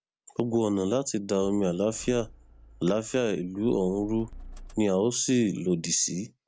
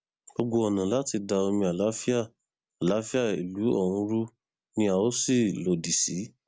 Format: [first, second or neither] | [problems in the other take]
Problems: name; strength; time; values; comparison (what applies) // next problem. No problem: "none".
second | background sound (Motor vehicle (road)); 19 dB below the speech